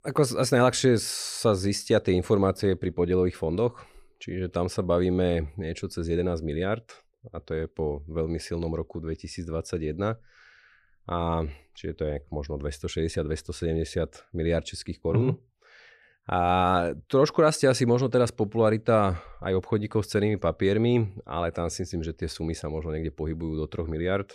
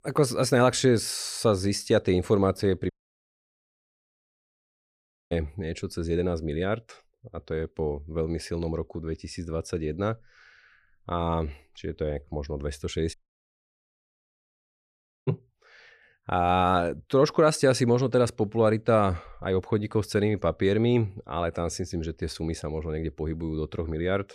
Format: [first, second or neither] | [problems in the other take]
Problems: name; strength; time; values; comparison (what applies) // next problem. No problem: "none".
first | audio cutting out; at 3 s for 2.5 s and at 13 s for 2 s